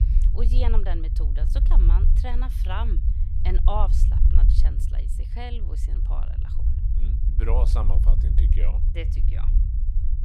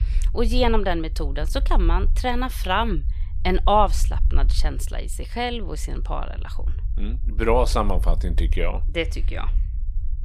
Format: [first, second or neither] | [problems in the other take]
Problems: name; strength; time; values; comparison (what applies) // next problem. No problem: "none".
second | low rumble; loud; throughout; 7 dB below the speech; faint in the second